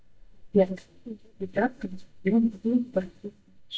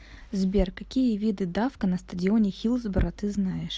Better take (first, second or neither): second